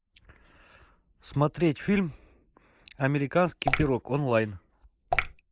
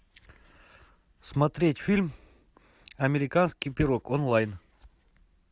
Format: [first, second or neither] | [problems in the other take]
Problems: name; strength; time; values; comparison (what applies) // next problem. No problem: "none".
second | noise reduction (neural mask model Resemble Enhance denoiser)